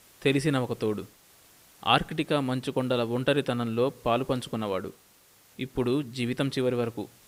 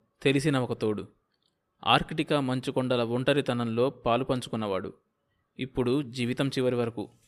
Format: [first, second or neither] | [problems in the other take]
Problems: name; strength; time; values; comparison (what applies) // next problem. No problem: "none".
second | hiss; faint; throughout; 25 dB below the speech